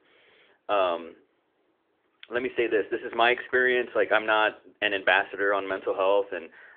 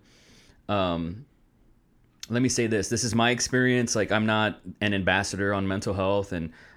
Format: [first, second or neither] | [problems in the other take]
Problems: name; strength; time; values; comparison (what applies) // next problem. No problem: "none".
second | phone-call audio; nothing above 3.5 kHz